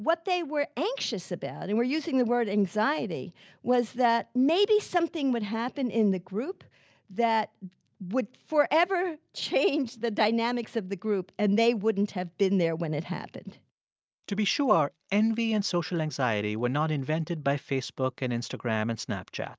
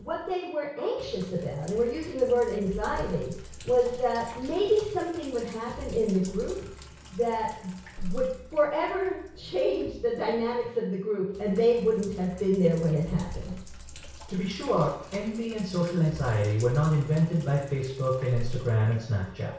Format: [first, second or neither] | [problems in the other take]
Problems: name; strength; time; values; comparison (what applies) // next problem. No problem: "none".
first | background sound (Sink (filling or washing)); 13 dB below the speech // room echo; dies away in 0.6 s